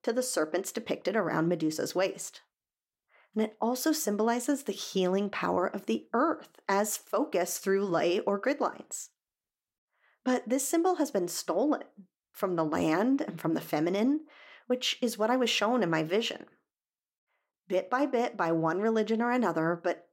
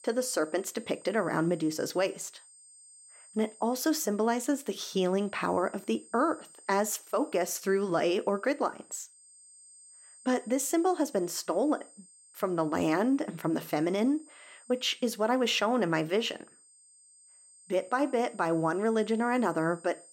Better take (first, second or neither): first